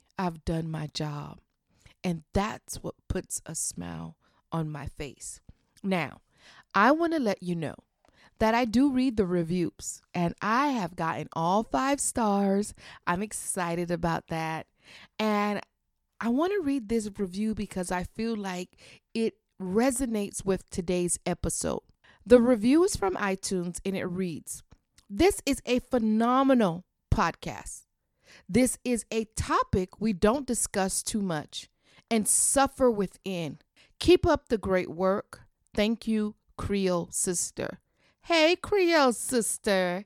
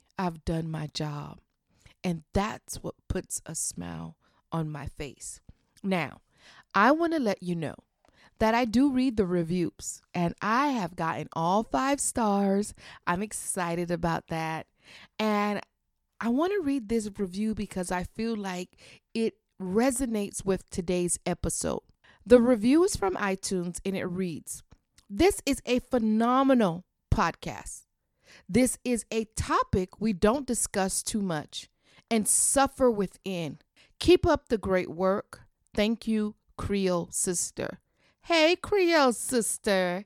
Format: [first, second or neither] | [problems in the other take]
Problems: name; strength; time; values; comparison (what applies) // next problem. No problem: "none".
neither | none